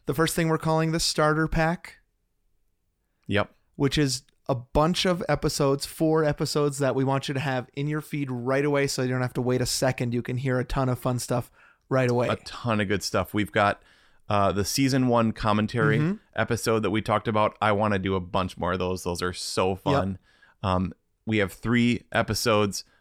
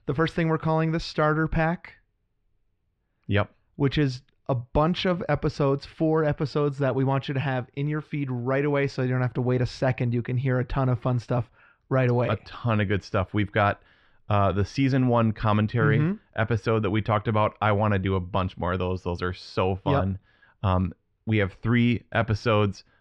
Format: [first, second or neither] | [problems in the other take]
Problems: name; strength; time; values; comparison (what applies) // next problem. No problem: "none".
first | muffled; slightly; fading above 3.5 kHz